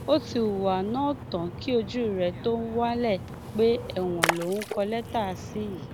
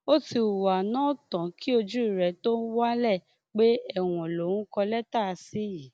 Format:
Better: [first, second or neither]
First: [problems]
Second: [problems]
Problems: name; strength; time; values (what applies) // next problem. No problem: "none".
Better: second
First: background sound (Splash, splatter); 8 dB below the speech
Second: none